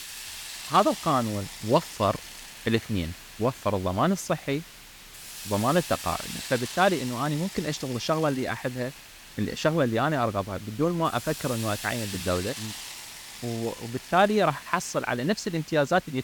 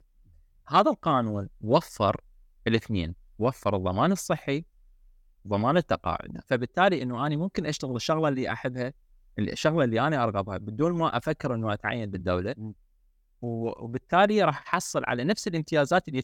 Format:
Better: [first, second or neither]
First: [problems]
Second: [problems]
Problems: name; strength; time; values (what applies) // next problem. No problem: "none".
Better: second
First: hiss; noticeable; throughout; 10 dB below the speech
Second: none